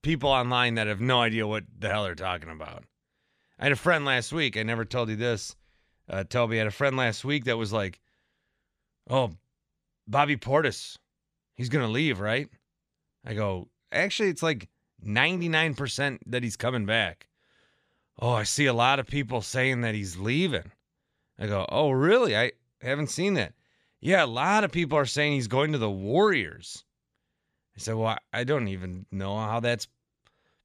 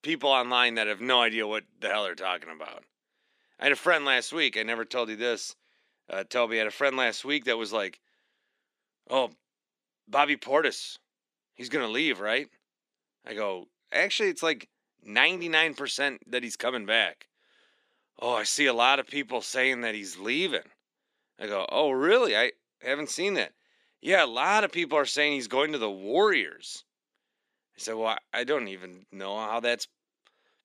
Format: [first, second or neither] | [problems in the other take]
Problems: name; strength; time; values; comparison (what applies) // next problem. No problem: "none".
first | thin; somewhat; fading below 250 Hz